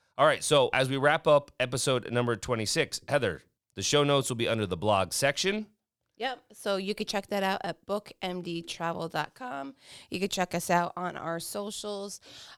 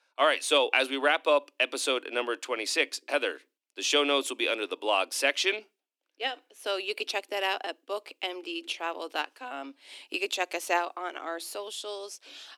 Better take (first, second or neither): first